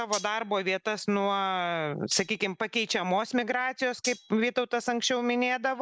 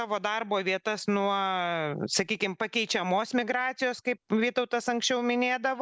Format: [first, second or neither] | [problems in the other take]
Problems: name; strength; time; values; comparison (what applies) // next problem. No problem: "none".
second | background sound (Cutlery, silverware); 14 dB below the speech